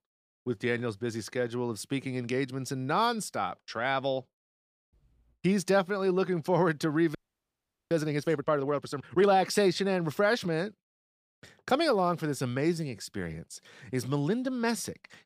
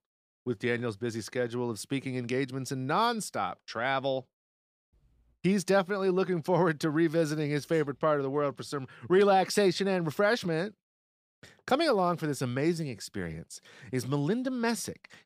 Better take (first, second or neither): second